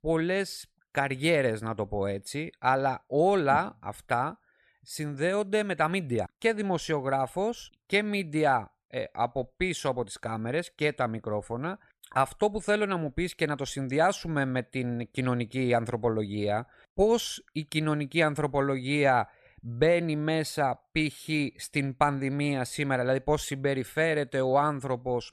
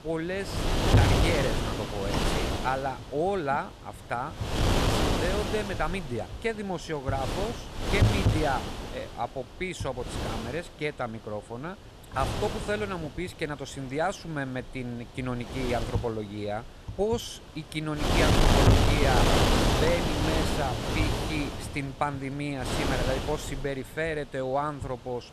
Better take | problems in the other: first | wind noise on the microphone; heavy; 2 dB above the speech

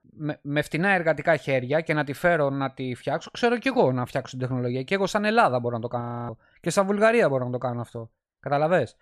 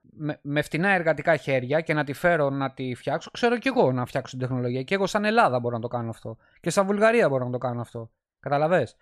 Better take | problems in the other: second | audio freezing; at 6 s

